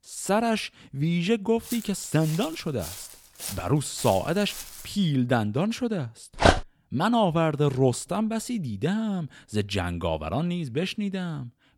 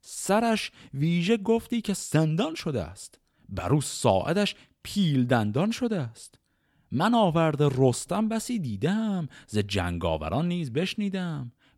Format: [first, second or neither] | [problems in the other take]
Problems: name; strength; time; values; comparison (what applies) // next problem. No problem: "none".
second | footsteps; noticeable; from 1.5 to 5 s; peak 9 dB below the speech // dog barking; loud; at 6.5 s; peak 5 dB above the speech